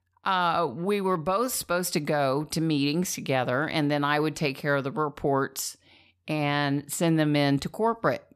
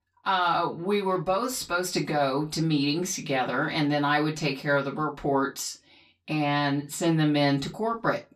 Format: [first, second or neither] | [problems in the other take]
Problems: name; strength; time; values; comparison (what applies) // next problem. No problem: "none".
first | room echo; very slight; dies away in 0.2 s // off-mic speech; far